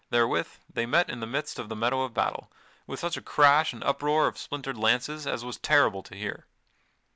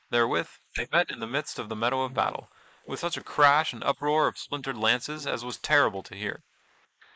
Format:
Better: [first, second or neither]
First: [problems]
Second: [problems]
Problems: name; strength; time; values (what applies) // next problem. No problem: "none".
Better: first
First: none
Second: noise reduction (neural mask model Resemble Enhance denoiser)